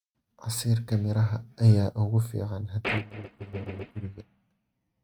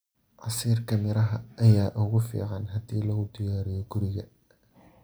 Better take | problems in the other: second | noise reduction (neural mask model RNNoise)

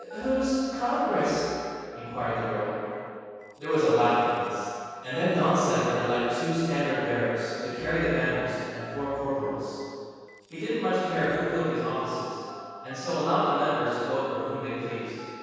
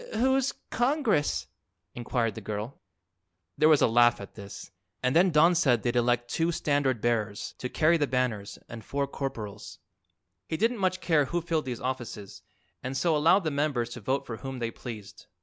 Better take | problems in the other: second | background sound (Telephone); 18 dB below the speech // room echo; dies away in 2.2 s

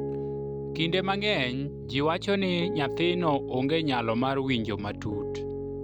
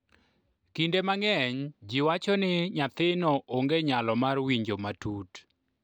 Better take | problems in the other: second | background sound (Piano); 6 dB below the speech

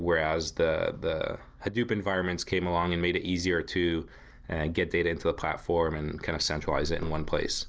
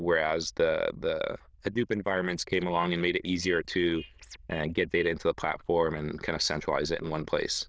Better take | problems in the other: first | noise reduction (neural diffusion model UNIVERSE++)

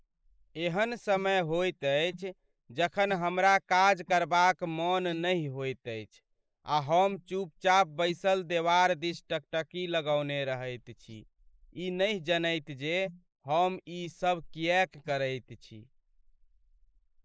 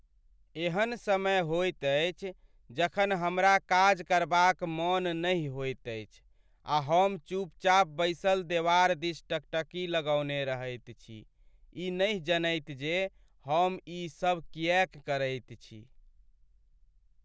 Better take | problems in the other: second | noise reduction (neural mask model Resemble Enhance denoiser)

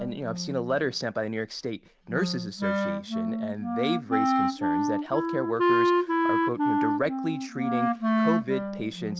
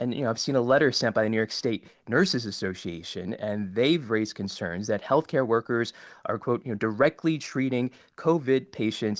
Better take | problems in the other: second | background sound (Wind instrument, woodwind instrument); 4 dB above the speech

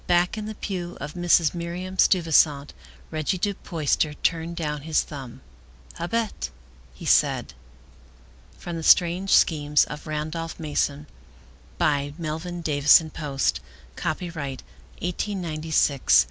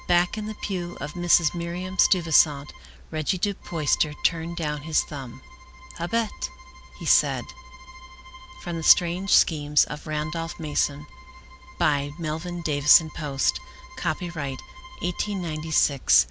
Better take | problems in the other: first | background sound (Bowed string instrument); 19 dB below the speech

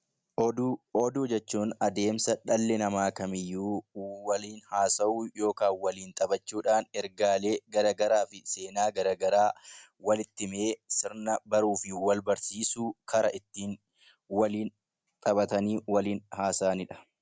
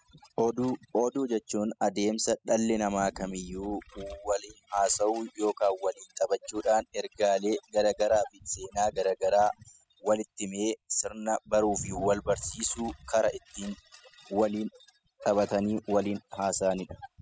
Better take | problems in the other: first | noise reduction (classical method spectral subtraction)

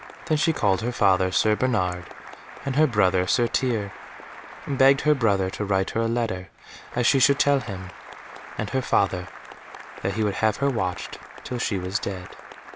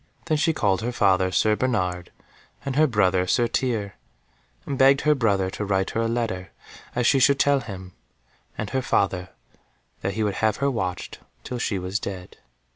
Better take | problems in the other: second | background sound (Applause); 16 dB below the speech

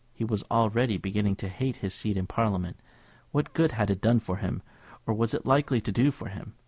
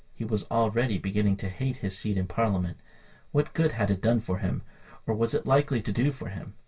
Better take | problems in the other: first | room echo; dies away in 0.1 s

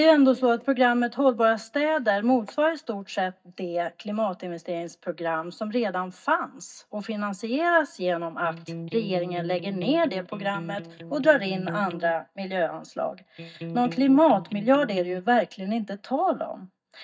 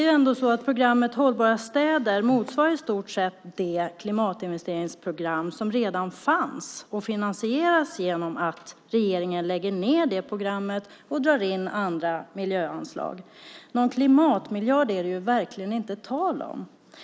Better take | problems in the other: second | noise reduction (neural mask model DeepFilterNet 3)

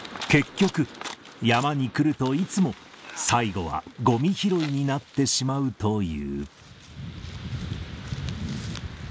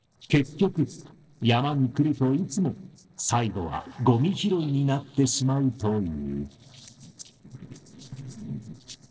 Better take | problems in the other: first | noise reduction (neural separator model SepFormer DNS4)

